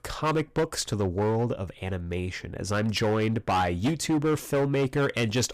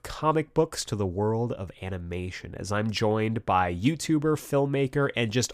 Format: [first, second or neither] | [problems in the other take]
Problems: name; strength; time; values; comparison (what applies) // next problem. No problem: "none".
second | distortion; slight; 11% of the sound clipped